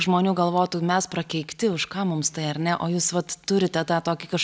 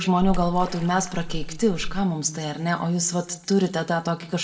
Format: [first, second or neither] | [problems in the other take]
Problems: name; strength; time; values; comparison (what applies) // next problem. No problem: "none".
first | background sound (Splash, splatter); 4 dB below the speech // room echo; dies away in 0.7 s